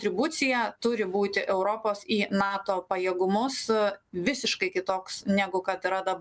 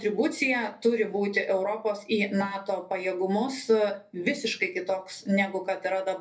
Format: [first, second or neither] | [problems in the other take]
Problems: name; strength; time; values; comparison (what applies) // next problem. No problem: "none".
first | room echo; dies away in 0.3 s